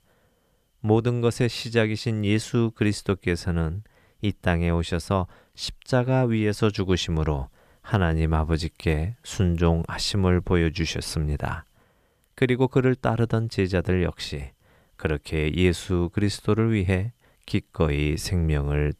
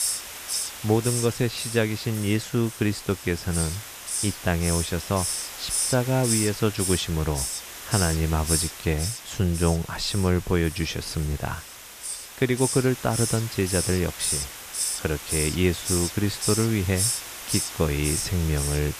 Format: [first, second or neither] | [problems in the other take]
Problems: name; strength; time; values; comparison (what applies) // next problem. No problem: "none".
first | hiss; loud; throughout; 3 dB below the speech